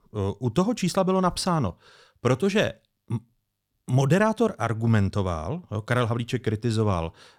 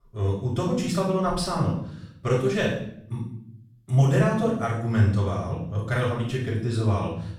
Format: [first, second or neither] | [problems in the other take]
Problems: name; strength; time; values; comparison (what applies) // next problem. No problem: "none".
first | off-mic speech; far // room echo; noticeable; dies away in 0.6 s